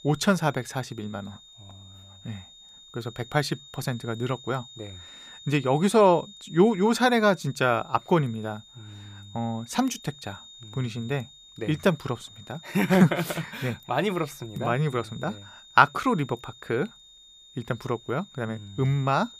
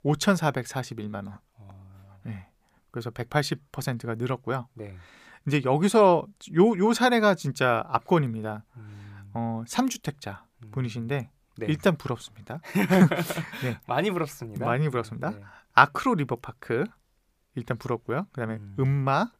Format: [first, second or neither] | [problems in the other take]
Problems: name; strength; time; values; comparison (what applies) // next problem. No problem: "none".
second | high-pitched whine; faint; throughout; 3.5 kHz, 20 dB below the speech